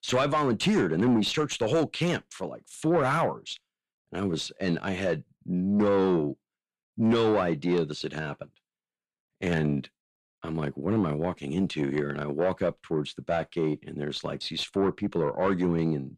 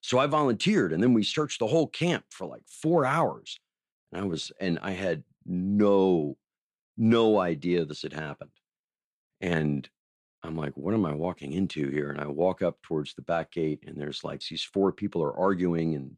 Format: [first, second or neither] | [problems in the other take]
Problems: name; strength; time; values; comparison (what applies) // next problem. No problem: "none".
second | distortion; slight; 10 dB below the speech